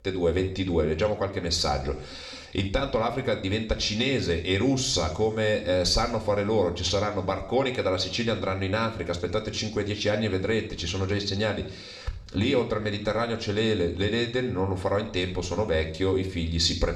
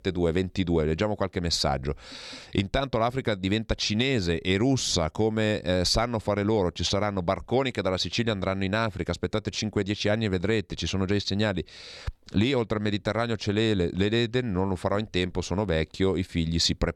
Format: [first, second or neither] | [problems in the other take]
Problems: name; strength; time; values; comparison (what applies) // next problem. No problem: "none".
second | room echo; slight; dies away in 0.6 s